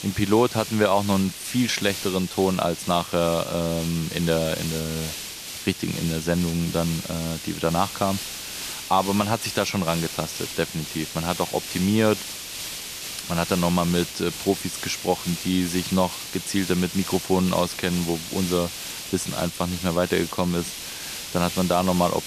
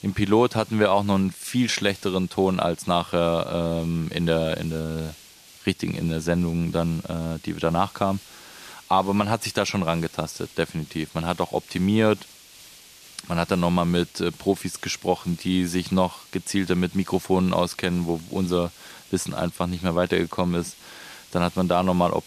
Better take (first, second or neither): second